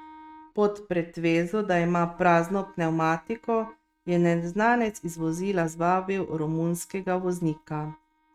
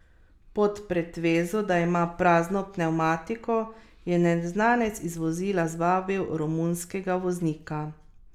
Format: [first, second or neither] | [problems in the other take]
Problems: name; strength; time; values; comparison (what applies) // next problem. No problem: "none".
second | noise reduction (neural mask model RNNoise)